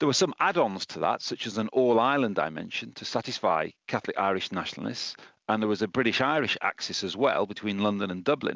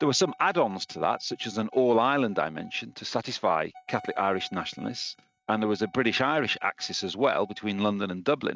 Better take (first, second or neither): first